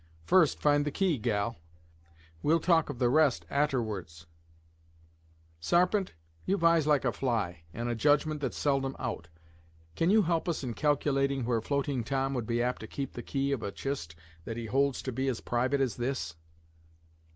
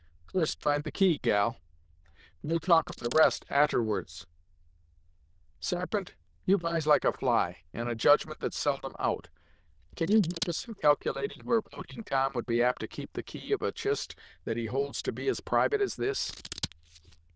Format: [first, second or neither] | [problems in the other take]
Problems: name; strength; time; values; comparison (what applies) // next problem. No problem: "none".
first | noise reduction (neural diffusion model UNIVERSE++)